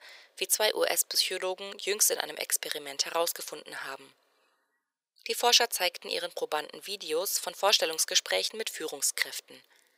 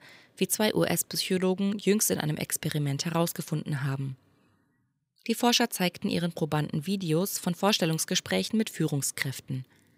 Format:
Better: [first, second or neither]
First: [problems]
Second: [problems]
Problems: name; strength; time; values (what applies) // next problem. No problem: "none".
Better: second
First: thin; very; fading below 500 Hz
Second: none